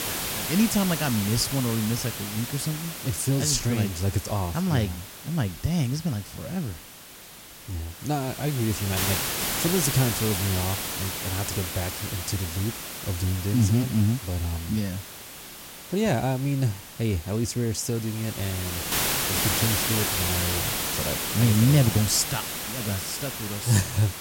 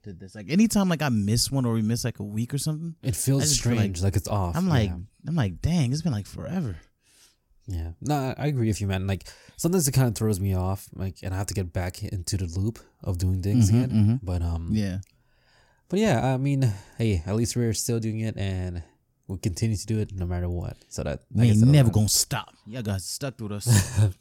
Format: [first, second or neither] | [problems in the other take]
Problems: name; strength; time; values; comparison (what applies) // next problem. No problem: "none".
second | hiss; loud; throughout; 2 dB below the speech